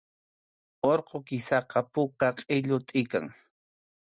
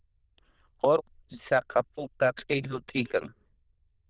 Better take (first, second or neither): first